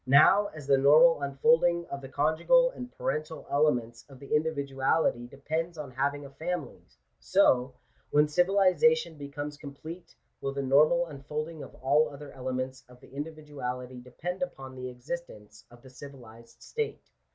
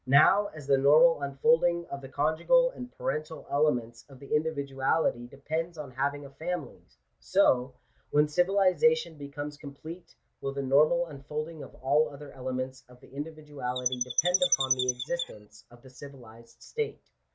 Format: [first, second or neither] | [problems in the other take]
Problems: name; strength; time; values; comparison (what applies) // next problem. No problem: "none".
first | background sound (Chirp, tweet); 3 dB below the speech